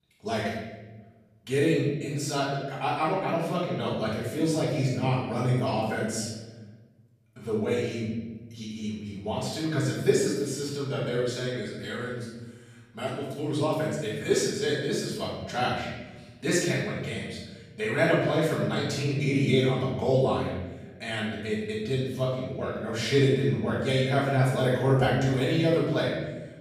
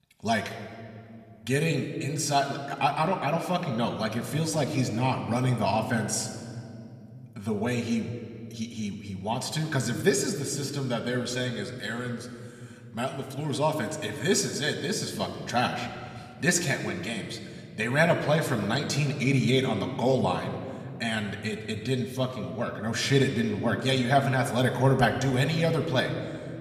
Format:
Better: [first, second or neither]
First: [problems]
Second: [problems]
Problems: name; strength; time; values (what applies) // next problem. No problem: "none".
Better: second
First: room echo; strong; dies away in 1.2 s // off-mic speech; far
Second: room echo; slight; dies away in 1.9 s